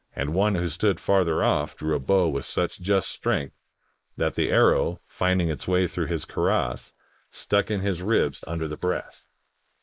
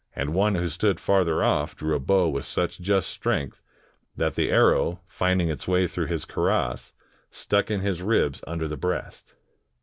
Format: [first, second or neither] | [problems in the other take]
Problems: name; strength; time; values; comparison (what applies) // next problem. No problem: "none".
second | noise reduction (neural mask model Resemble Enhance denoiser)